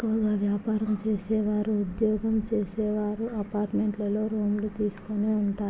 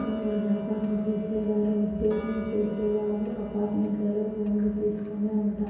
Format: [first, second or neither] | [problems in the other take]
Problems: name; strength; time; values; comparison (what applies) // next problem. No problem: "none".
first | background sound (Tick-tock); 15 dB below the speech // room echo; dies away in 1.2 s